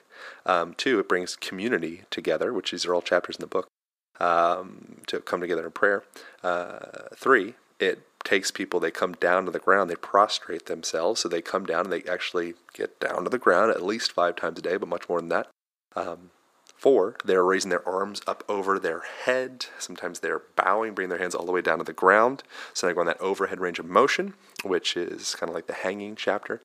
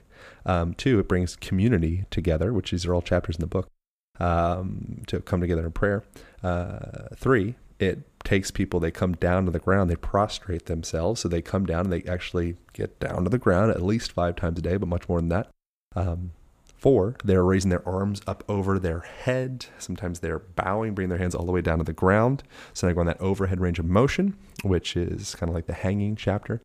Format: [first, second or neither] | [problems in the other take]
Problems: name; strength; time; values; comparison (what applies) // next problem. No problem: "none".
second | thin; very; fading below 350 Hz